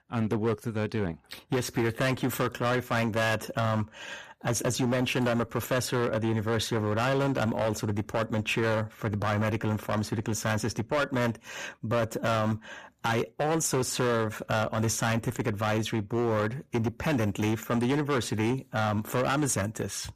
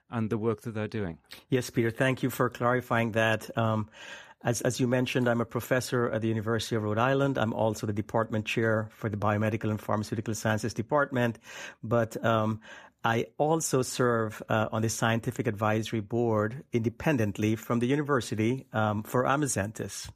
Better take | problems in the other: second | distortion; heavy; 14% of the sound clipped

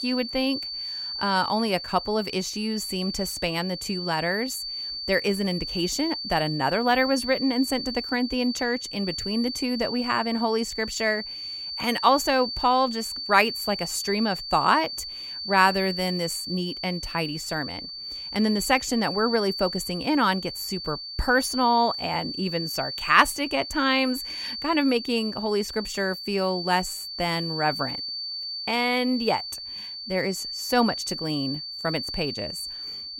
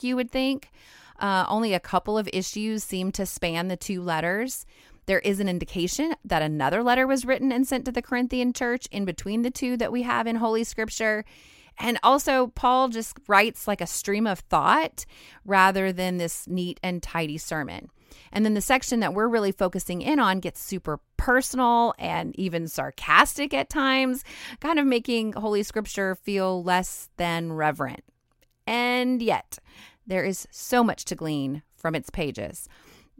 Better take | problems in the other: second | high-pitched whine; loud; throughout; 4.5 kHz, 6 dB below the speech

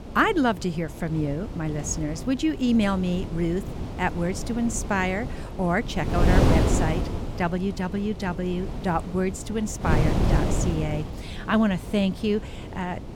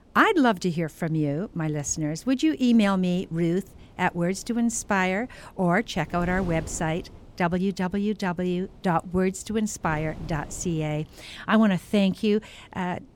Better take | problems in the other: second | wind noise on the microphone; heavy; 6 dB below the speech; occasional gusts in the second

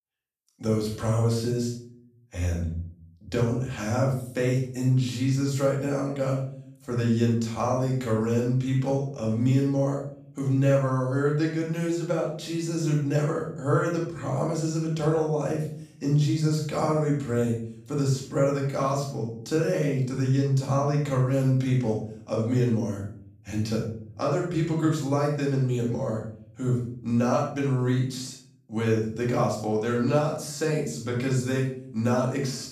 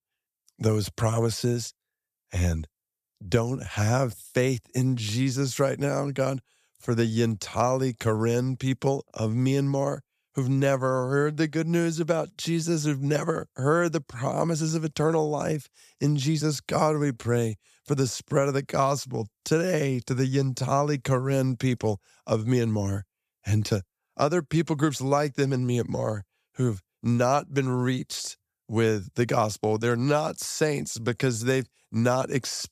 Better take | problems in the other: second | off-mic speech; far // room echo; noticeable; dies away in 0.5 s

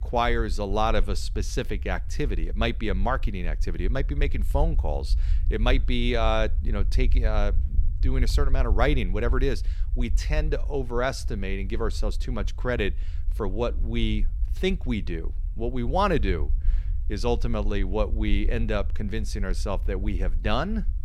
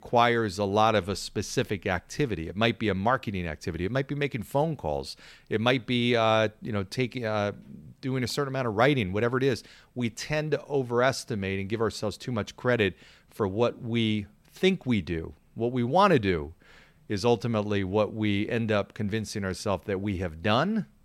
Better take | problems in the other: second | low rumble; faint; throughout; 20 dB below the speech

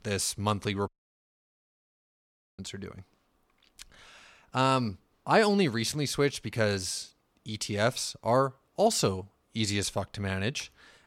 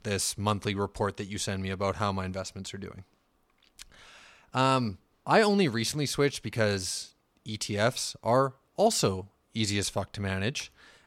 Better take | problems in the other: second | audio cutting out; at 1 s for 1.5 s

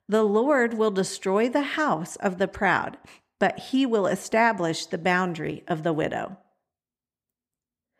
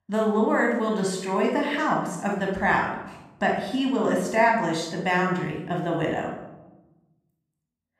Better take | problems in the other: first | off-mic speech; somewhat distant // room echo; noticeable; dies away in 0.7 s

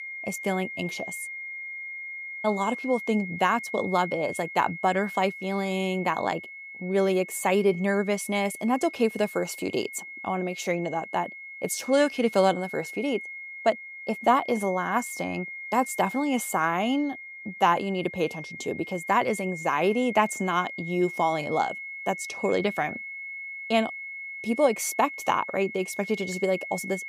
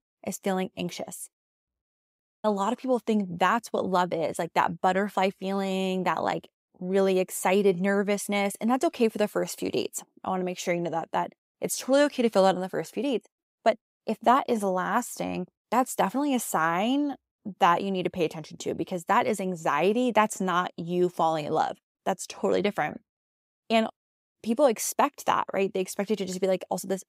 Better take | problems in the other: second | high-pitched whine; loud; throughout; 2 kHz, 10 dB below the speech

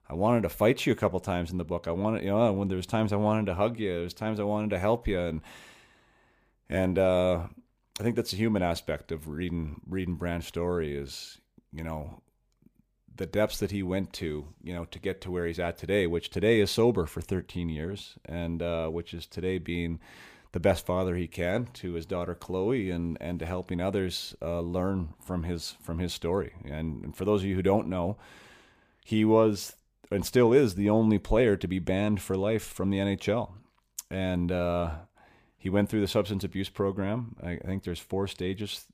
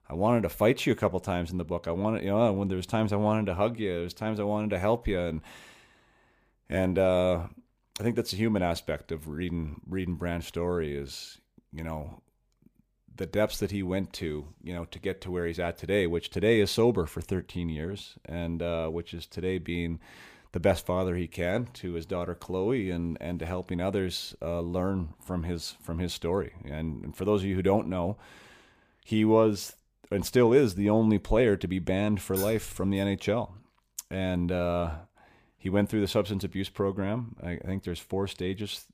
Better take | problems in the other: first | jangling keys; noticeable; at 32 s; peak 7 dB below the speech

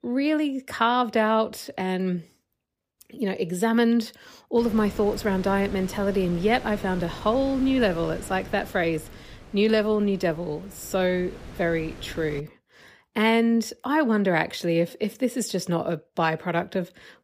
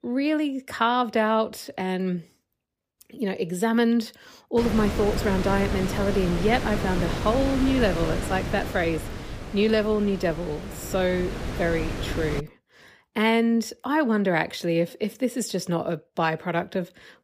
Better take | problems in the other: first | wind noise on the microphone; heavy; from 4.5 to 12 s; 8 dB below the speech; occasional gusts in the first

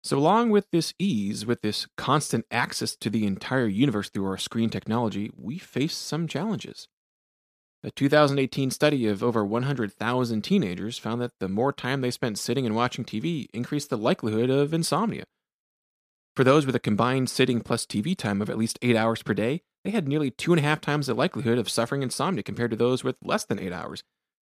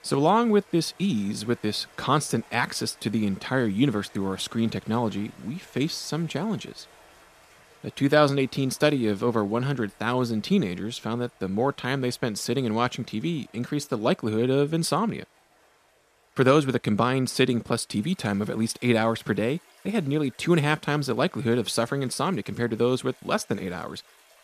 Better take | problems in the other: first | rain or running water; faint; throughout; 30 dB below the speech

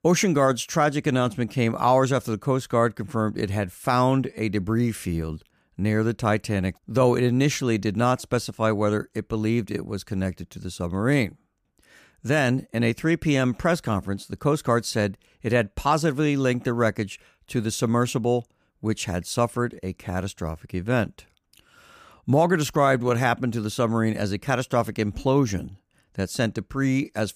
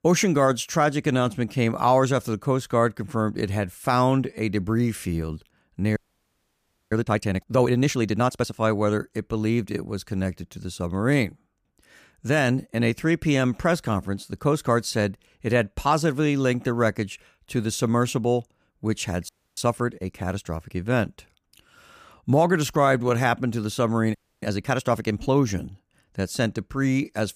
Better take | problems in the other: first | audio freezing; at 6 s for 1 s, at 19 s and at 24 s

